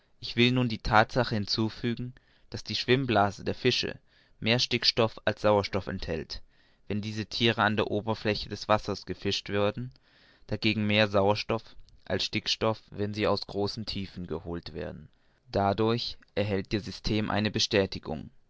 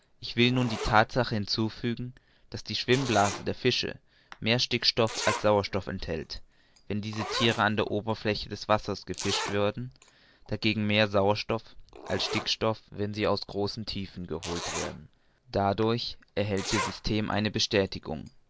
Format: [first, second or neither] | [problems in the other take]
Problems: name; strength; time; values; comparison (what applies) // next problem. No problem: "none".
first | background sound (Zipper (clothing)); 12 dB below the speech